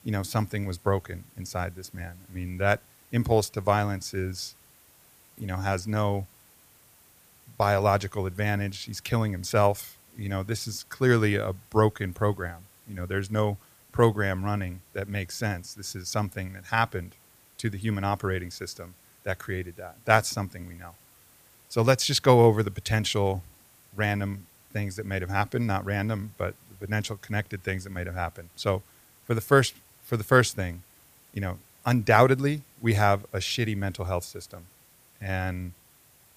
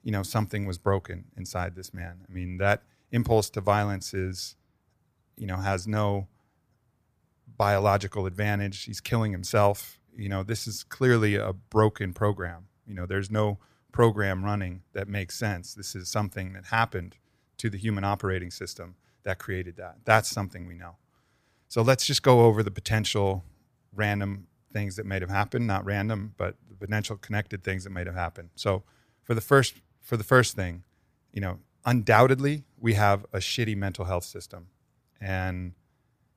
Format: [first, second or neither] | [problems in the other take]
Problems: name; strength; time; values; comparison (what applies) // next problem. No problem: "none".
second | hiss; faint; throughout; 30 dB below the speech